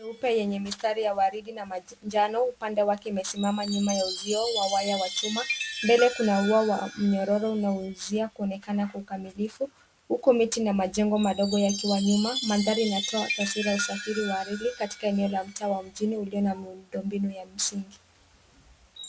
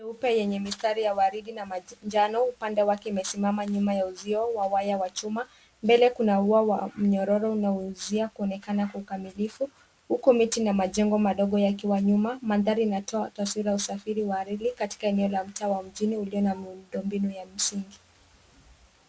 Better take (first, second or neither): second